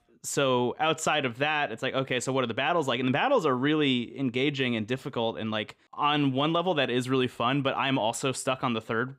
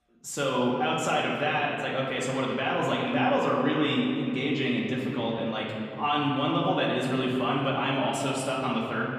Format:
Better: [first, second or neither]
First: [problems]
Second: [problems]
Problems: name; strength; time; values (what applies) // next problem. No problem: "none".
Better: first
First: none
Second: off-mic speech; far // room echo; noticeable; dies away in 2.4 s